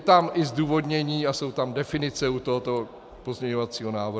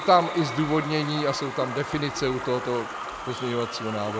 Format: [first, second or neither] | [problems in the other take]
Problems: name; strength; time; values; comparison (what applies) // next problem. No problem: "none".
first | background sound (Crowd / Cheering + Stream); 8 dB below the speech